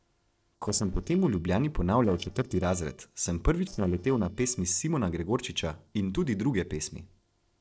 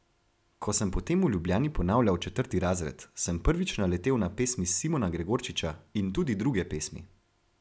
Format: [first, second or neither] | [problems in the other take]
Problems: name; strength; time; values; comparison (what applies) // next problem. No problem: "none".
second | noise reduction (neural separator model SepFormer DNS4)